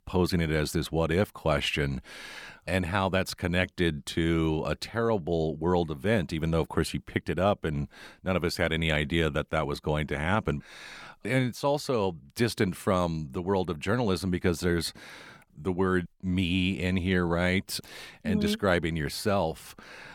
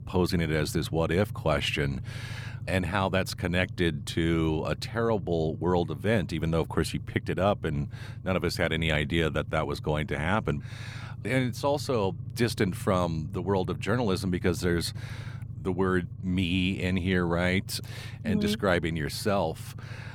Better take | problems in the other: first | low rumble; faint; throughout; 25 dB below the speech

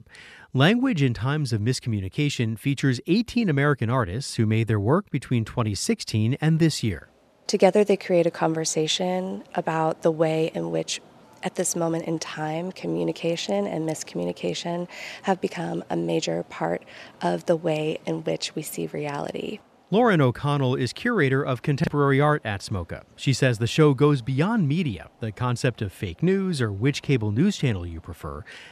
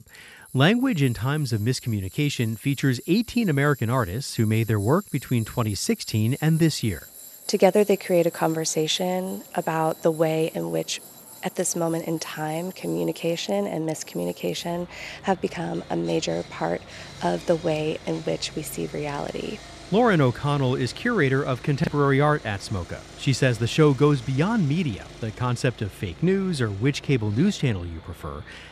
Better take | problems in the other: first | machinery noise; noticeable; throughout; 20 dB below the speech

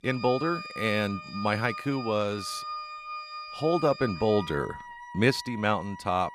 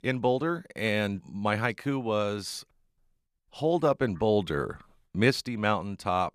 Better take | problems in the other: second | background music; noticeable; throughout; 10 dB below the speech

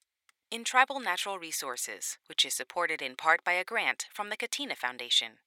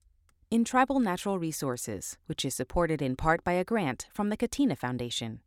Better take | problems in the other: second | thin; very; fading below 800 Hz

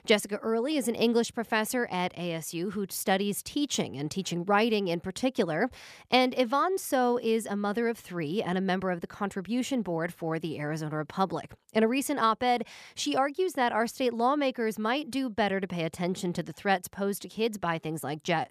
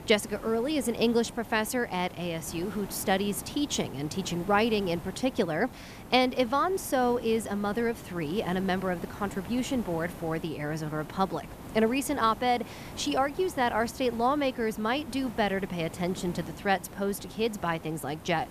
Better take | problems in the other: first | hiss; noticeable; throughout; 15 dB below the speech

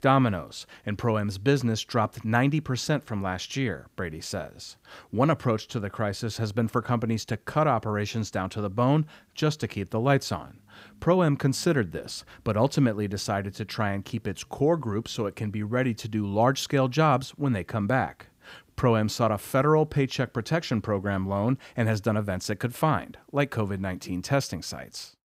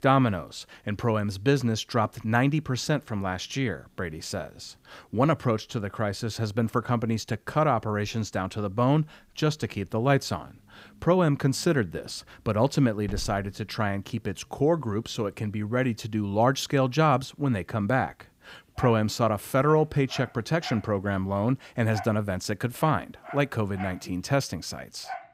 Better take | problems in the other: first | animal sounds; noticeable; throughout; 15 dB below the speech

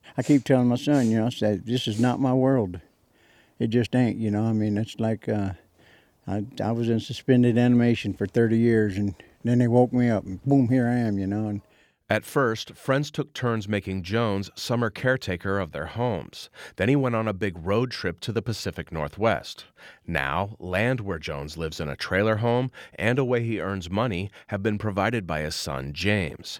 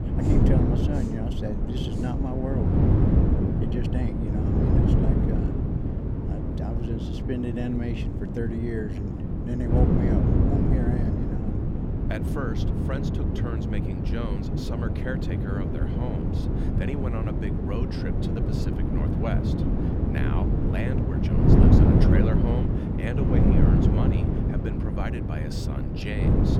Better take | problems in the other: first | wind noise on the microphone; heavy; 4 dB above the speech

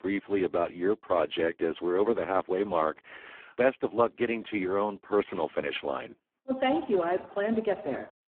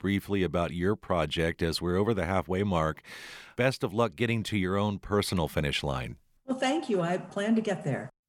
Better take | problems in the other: second | phone-call audio; poor line

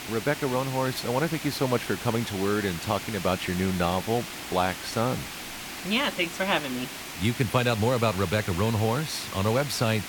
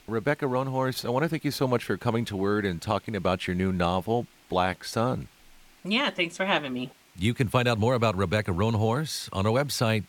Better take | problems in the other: second | hiss; loud; throughout; 8 dB below the speech; faint in the second

